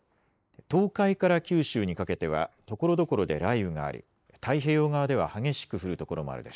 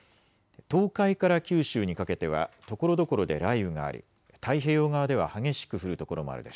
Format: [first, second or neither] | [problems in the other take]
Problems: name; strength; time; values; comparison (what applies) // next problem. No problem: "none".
second | noise reduction (neural mask model Resemble Enhance denoiser)